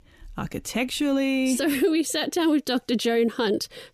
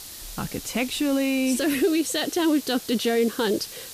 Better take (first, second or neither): first